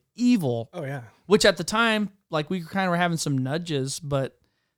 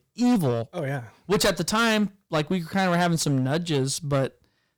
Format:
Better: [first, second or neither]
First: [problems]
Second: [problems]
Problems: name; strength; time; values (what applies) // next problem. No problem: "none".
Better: first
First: none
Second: distortion; heavy; 11% of the sound clipped